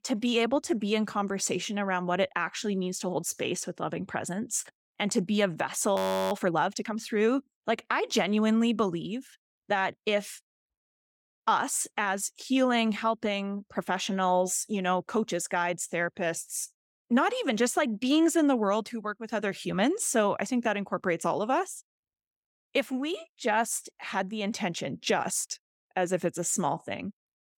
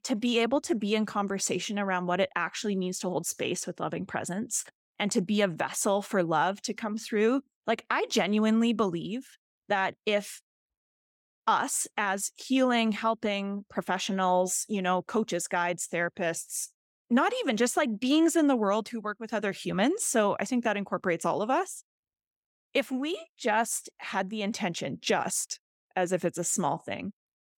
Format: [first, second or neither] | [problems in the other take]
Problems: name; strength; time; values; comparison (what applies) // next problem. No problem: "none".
second | audio freezing; at 6 s